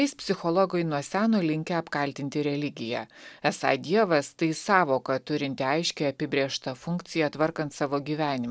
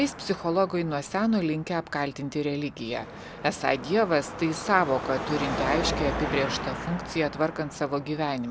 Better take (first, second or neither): first